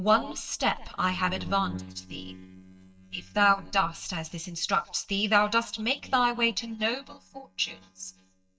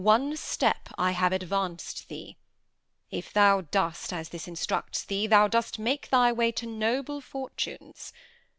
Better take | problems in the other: second | noise reduction (neural mask model DeepFilterNet 3)

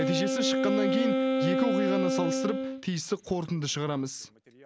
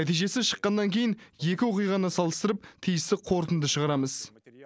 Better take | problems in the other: second | background sound (Wind instrument, woodwind instrument); 2 dB above the speech

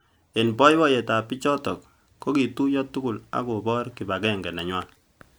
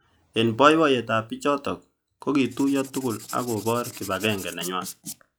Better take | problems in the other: first | noise reduction (classical method log-MMSE)

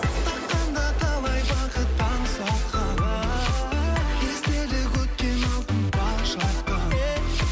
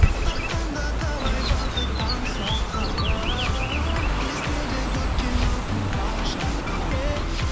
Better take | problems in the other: first | background sound (Chirp, tweet); as loud as the speech

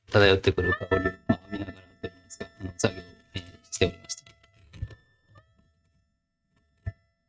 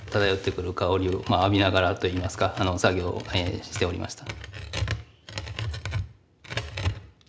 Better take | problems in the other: second | noise reduction (neural mask model RNNoise)

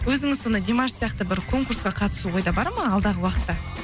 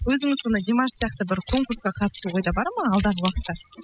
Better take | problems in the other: first | noise reduction (classical method spectral subtraction)

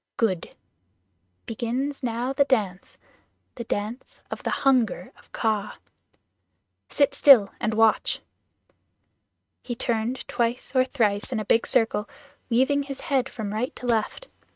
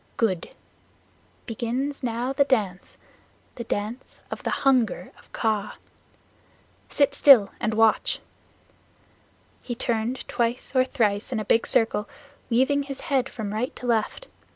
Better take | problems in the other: second | noise reduction (neural mask model RNNoise)

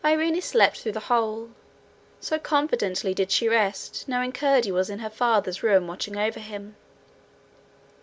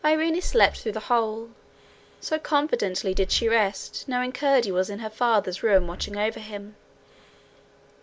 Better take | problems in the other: first | background sound (Breathing); 10 dB below the speech

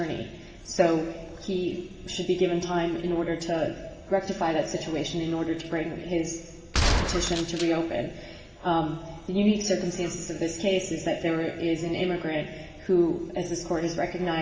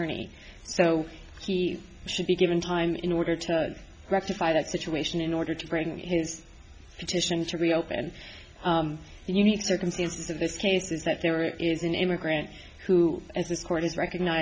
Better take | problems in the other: second | background sound (Gunshot, gunfire); as loud as the speech // room echo; dies away in 2 s

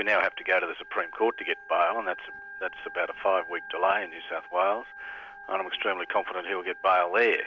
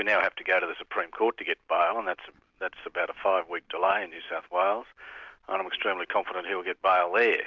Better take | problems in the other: second | background sound (Organ); 16 dB below the speech

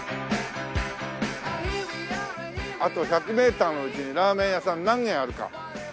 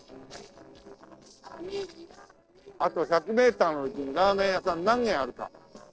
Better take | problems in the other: first | noise reduction (neural separator model SepFormer DNS4)

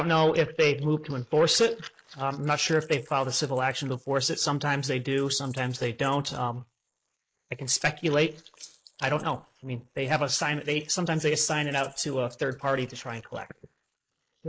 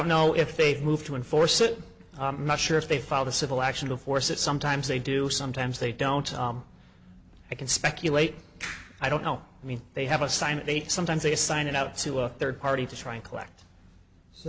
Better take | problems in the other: second | noise reduction (neural mask model Resemble Enhance denoiser)

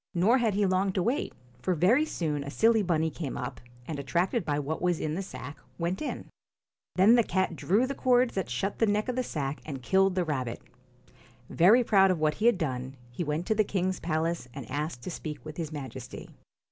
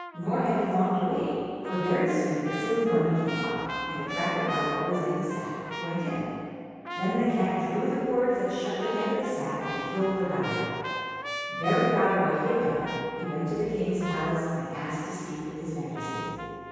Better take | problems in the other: first | background sound (Trumpet); 9 dB below the speech // room echo; dies away in 2.2 s

